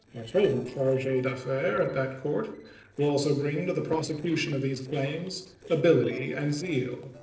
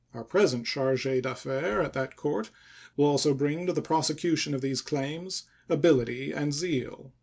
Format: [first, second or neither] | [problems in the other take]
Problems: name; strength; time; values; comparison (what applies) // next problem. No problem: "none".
second | noise reduction (neural separator model SepFormer DNS4)